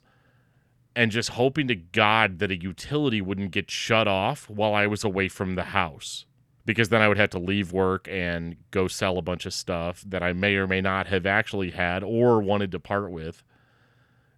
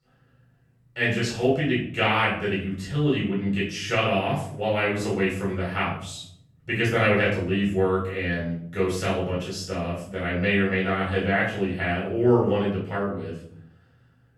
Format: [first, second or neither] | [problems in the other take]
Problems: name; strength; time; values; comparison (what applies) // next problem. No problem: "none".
first | off-mic speech; far // room echo; noticeable; dies away in 0.6 s